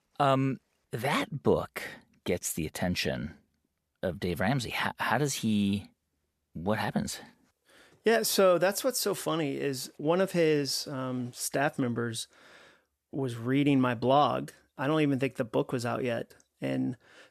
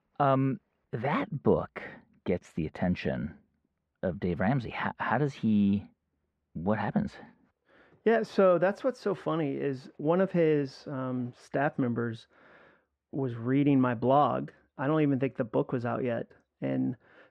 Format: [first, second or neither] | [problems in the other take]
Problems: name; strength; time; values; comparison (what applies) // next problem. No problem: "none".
first | muffled; very; fading above 2 kHz